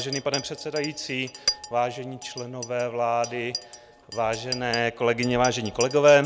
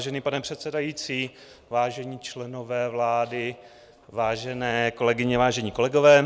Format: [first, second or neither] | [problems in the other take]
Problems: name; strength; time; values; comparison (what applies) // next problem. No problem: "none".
second | background sound (Chink, clink); 11 dB below the speech